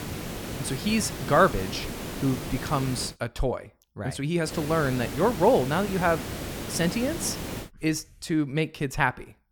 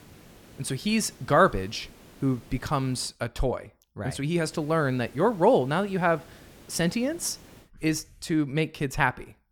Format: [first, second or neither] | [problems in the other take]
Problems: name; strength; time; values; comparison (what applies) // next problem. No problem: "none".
second | hiss; loud; until 3 s and from 4.5 to 7.5 s; 8 dB below the speech; faint in the second